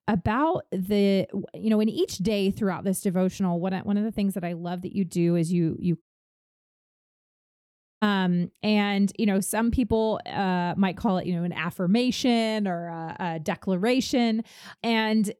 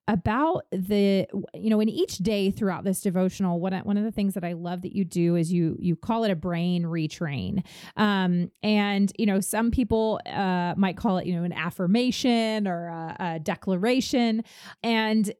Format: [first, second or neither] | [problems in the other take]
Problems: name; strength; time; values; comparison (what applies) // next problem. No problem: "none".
second | audio cutting out; at 6 s for 2 s